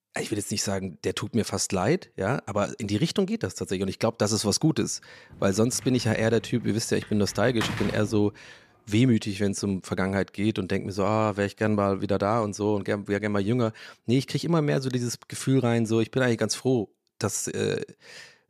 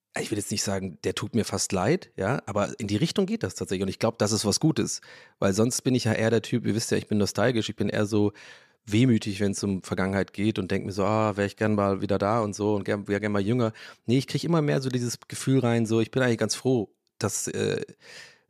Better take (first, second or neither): second